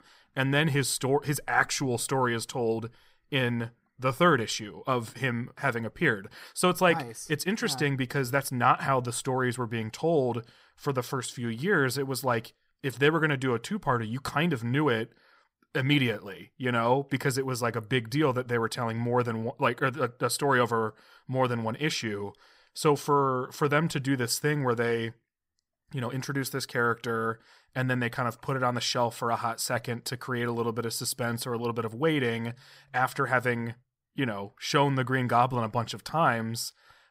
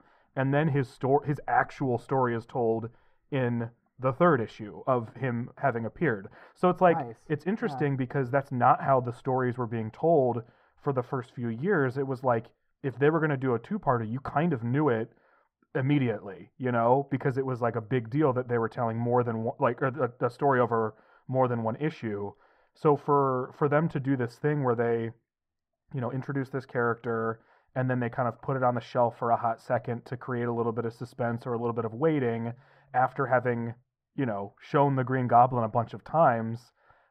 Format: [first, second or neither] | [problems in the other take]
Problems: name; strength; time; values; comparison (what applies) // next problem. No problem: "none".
first | muffled; very; fading above 3 kHz